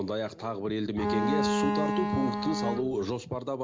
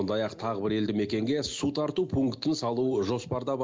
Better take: second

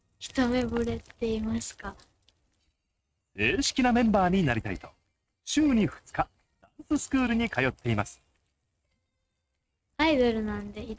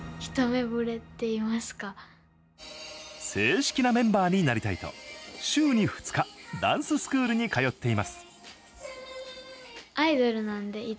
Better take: second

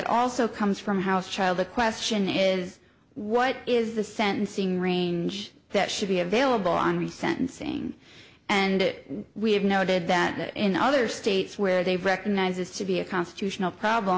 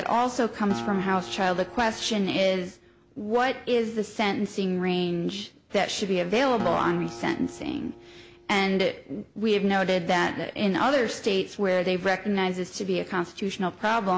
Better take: first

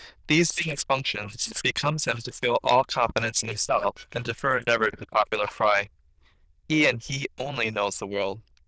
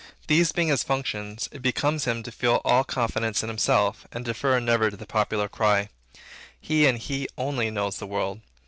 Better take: second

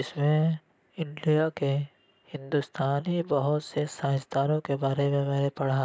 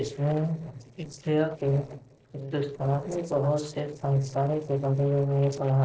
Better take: first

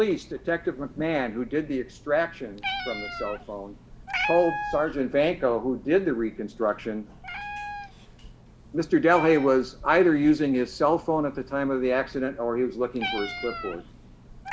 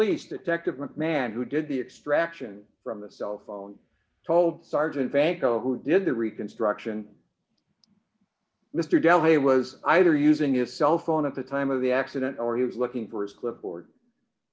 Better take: second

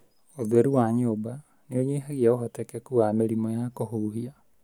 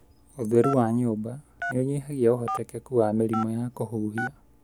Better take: first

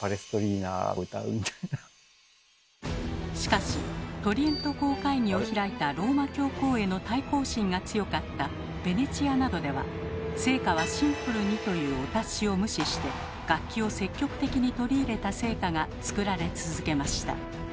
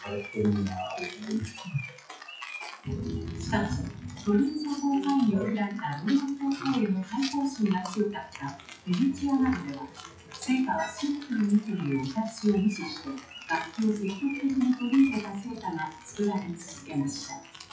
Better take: first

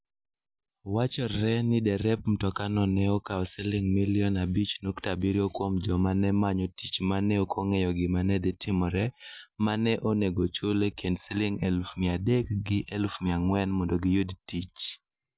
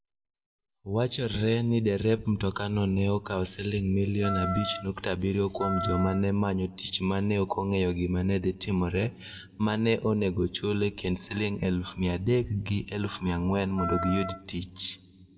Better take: first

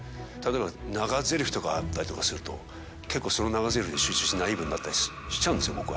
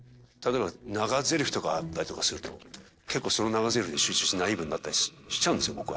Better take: first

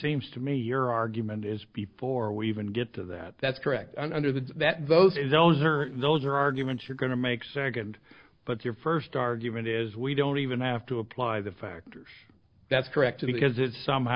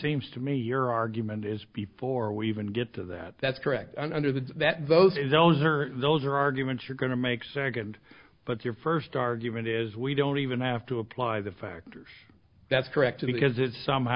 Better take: second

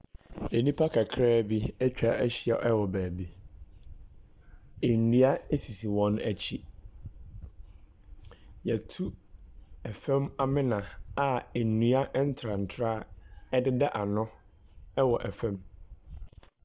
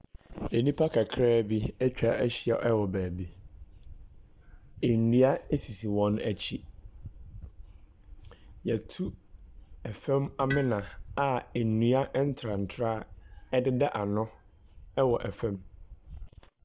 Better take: first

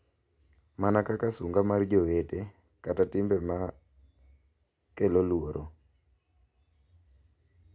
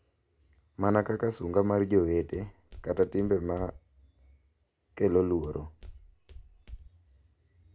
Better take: first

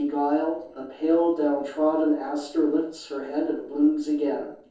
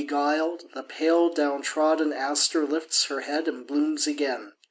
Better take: second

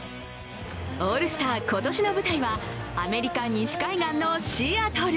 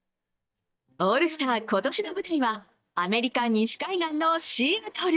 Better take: first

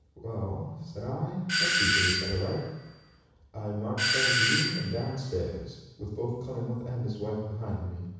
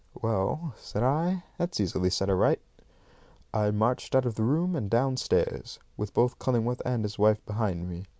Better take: second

